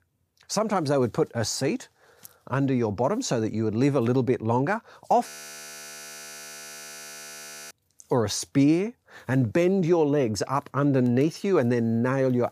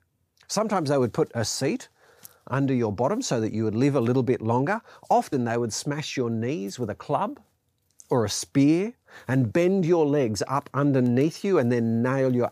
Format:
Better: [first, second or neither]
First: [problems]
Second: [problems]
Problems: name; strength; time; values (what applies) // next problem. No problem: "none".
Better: second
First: audio freezing; at 5.5 s for 2.5 s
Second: none